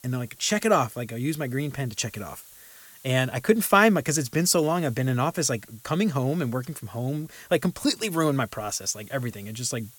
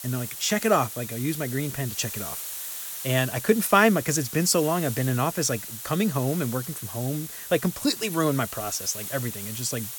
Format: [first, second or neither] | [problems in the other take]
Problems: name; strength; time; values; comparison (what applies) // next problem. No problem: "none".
first | hiss; loud; throughout; 8 dB below the speech; faint in the first